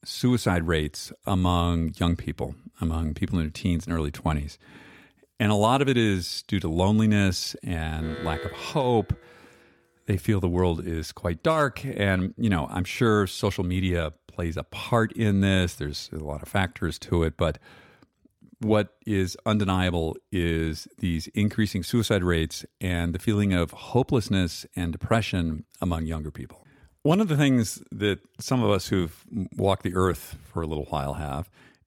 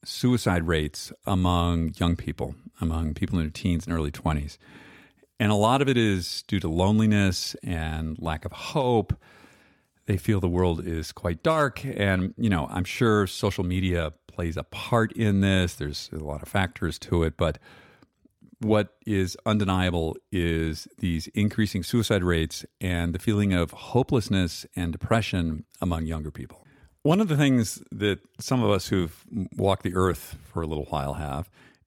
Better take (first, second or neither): second